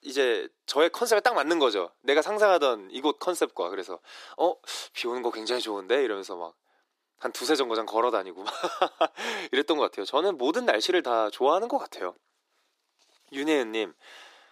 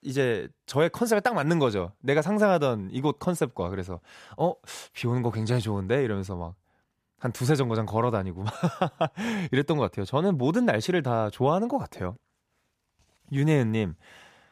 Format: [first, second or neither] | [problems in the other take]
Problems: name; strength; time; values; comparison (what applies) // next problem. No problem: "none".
second | thin; very; fading below 300 Hz